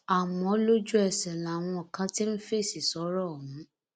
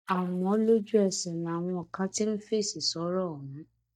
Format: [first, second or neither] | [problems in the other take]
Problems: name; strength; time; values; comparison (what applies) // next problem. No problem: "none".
first | noise reduction (neural mask model DeepFilterNet 3)